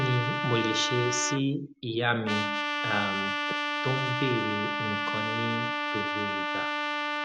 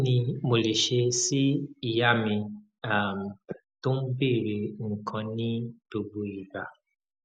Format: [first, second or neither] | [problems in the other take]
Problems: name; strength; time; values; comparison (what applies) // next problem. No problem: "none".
second | background sound (Trumpet); 1 dB above the speech